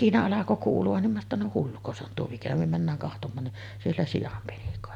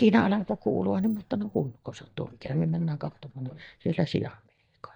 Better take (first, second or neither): first